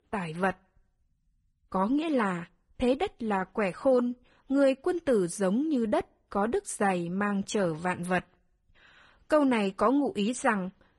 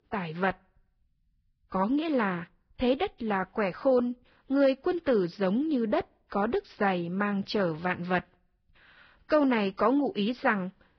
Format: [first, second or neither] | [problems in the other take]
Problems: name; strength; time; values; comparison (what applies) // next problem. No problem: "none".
first | garbled, watery; badly; nothing above 5 kHz; slightly in the first